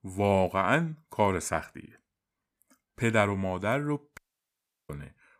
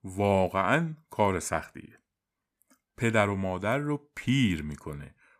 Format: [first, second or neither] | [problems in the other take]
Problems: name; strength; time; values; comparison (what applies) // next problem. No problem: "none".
second | audio cutting out; at 4 s for 0.5 s